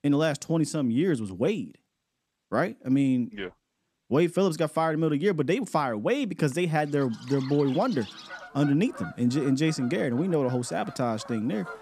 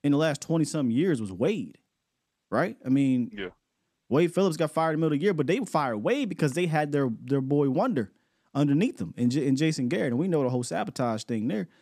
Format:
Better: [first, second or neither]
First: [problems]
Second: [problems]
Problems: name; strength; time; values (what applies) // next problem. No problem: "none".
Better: second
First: animal sounds; noticeable; from 7 s on; 20 dB below the speech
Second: none